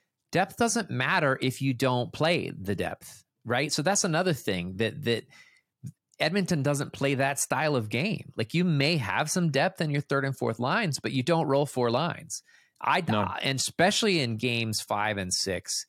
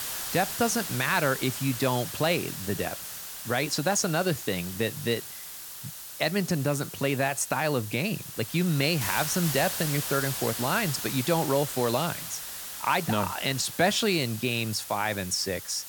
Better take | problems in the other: first | hiss; loud; throughout; 7 dB below the speech

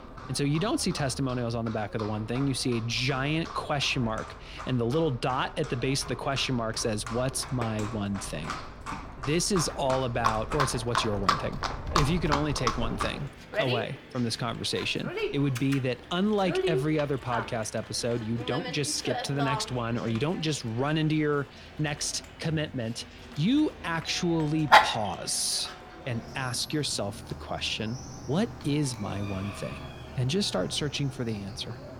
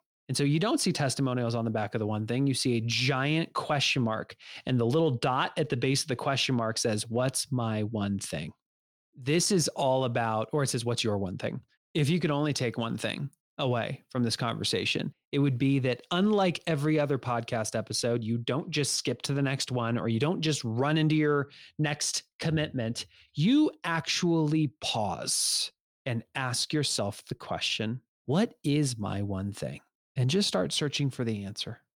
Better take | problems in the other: second | animal sounds; loud; throughout; 4 dB below the speech

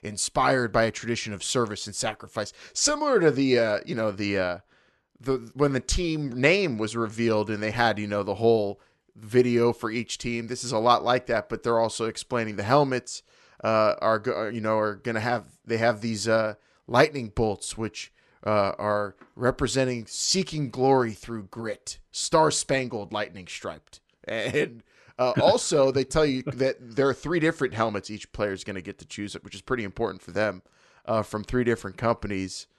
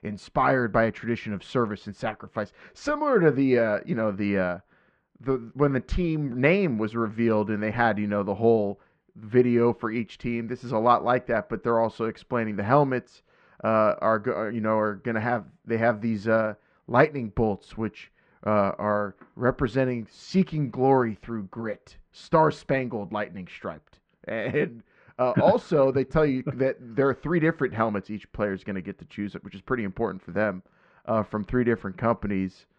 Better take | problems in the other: first | muffled; very; fading above 2 kHz

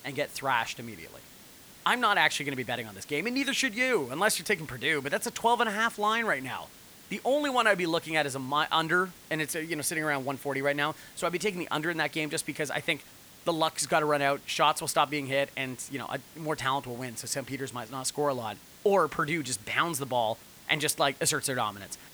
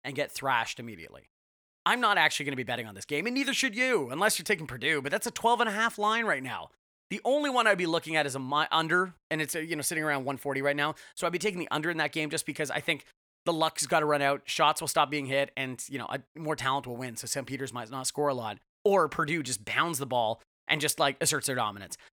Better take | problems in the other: second | hiss; faint; throughout; 20 dB below the speech

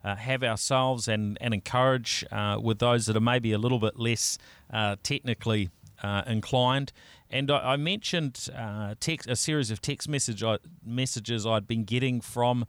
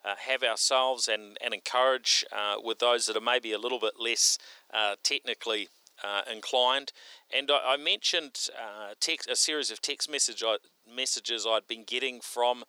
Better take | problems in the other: first | thin; very; fading below 350 Hz

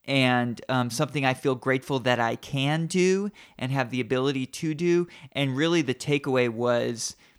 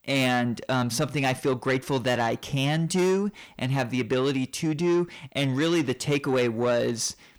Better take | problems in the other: first | distortion; slight; 10 dB below the speech

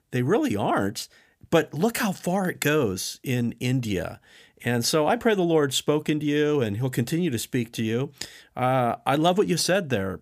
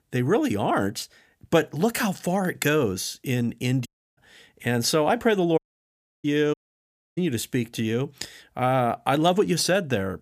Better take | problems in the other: first | audio cutting out; at 4 s, at 5.5 s for 0.5 s and at 6.5 s for 0.5 s

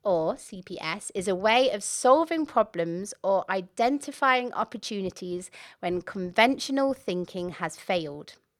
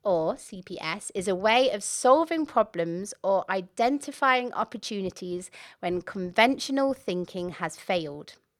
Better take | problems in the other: neither | none

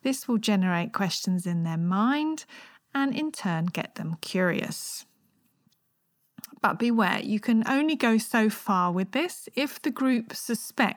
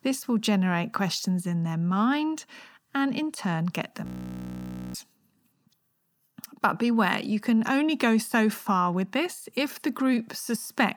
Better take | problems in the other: first | audio freezing; at 4 s for 1 s

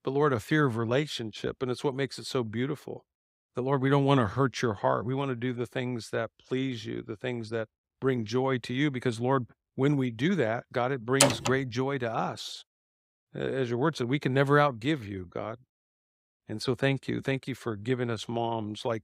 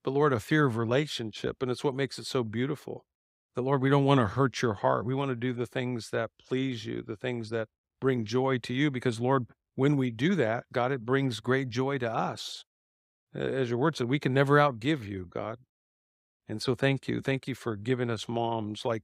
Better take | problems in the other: second | door banging; loud; at 11 s; peak 5 dB above the speech

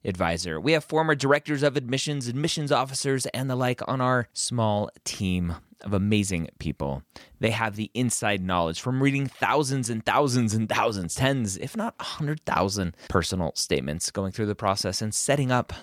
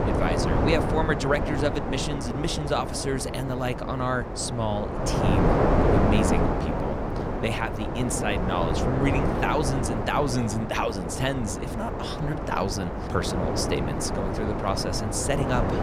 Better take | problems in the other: first | wind noise on the microphone; heavy; as loud as the speech

